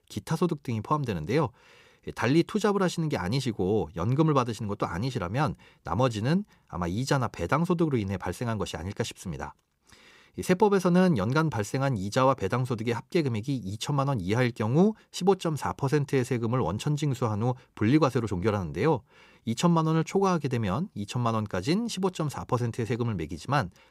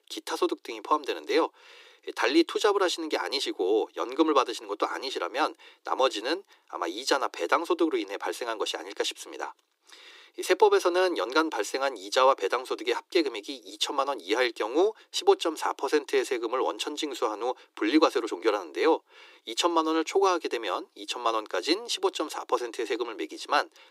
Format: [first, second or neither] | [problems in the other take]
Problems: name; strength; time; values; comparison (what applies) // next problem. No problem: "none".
first | thin; very; fading below 300 Hz